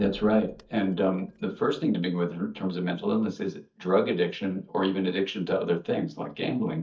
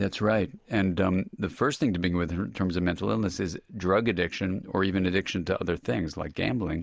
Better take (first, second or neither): second